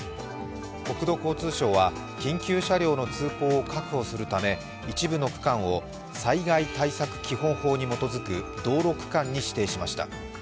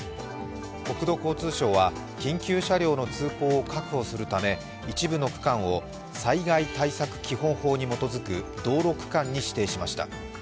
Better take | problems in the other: second | background sound (Wind instrument, woodwind instrument); 19 dB below the speech

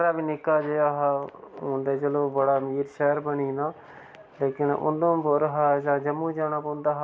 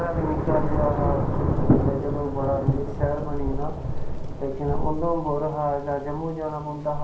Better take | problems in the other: first | background sound (Thunder / Rain); 3 dB above the speech // room echo; dies away in 0.6 s

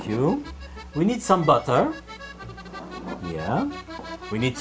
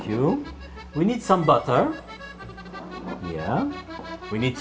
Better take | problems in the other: first | room echo; dies away in 1.3 s

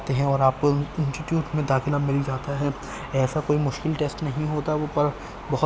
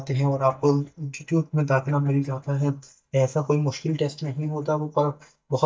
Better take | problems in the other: first | noise reduction (neural mask model DeepFilterNet 3)

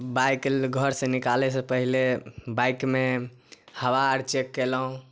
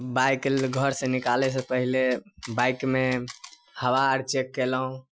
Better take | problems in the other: first | noise reduction (classical method Wiener filter)

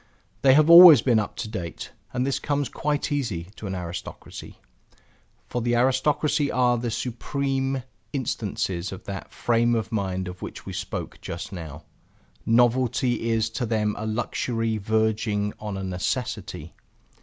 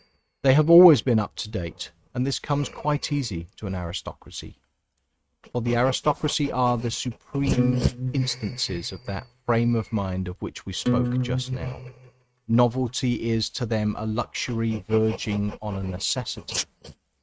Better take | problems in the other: first | noise reduction (neural mask model RNNoise)

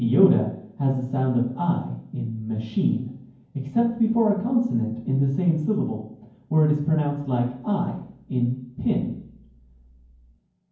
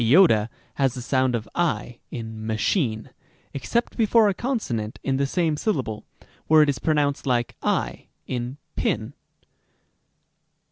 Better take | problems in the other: second | room echo; dies away in 0.9 s

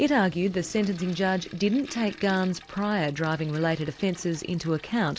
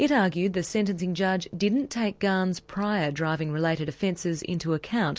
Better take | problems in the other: second | background sound (Toilet flush); 20 dB below the speech

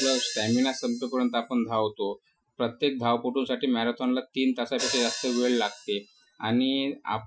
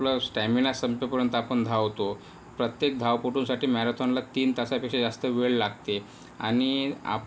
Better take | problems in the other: second | noise reduction (classical method Wiener filter)

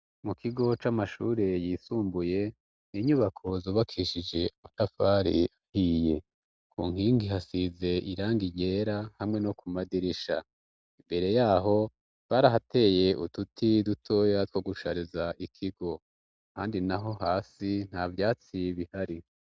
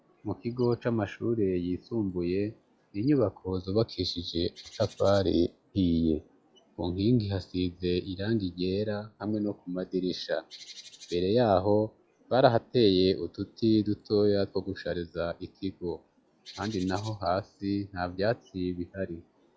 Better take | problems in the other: first | noise reduction (classical method log-MMSE)

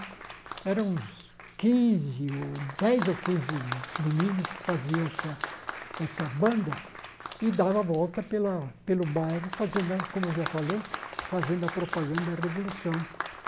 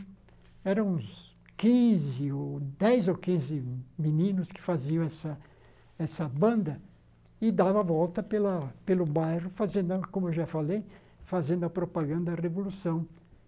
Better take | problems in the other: second | background sound (Applause); 10 dB below the speech

